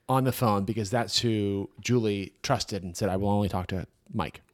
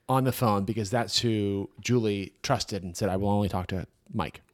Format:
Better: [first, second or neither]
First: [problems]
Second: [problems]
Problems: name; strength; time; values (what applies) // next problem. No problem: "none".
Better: neither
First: none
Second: none